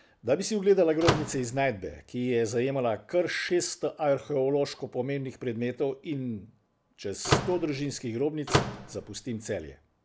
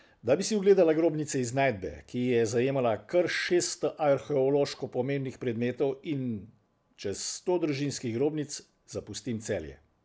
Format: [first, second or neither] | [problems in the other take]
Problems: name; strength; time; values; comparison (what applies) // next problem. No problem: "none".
second | background sound (Slam / Microwave oven); 2 dB below the speech